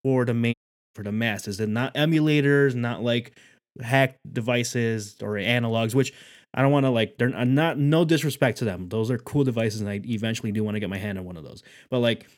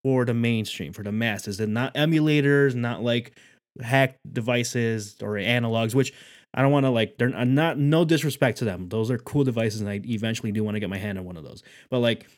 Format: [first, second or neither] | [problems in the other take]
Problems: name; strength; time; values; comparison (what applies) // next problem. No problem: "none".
second | audio cutting out; at 0.5 s